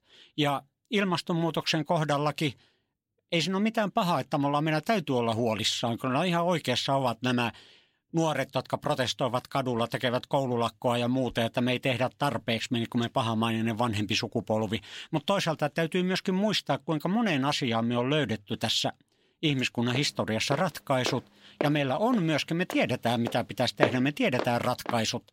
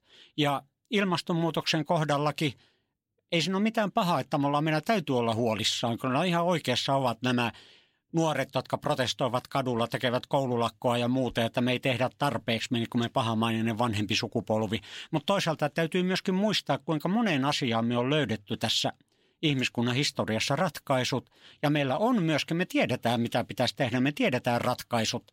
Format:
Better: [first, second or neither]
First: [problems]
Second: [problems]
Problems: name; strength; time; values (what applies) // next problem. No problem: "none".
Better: second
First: footsteps; noticeable; from 20 s on; peak level with the speech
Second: none